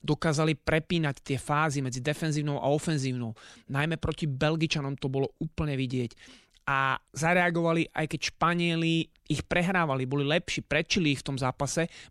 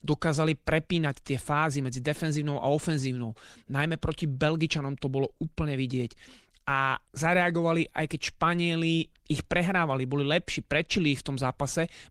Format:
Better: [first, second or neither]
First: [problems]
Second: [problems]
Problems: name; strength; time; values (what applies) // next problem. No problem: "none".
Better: first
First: none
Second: garbled, watery; slightly; nothing above 16 kHz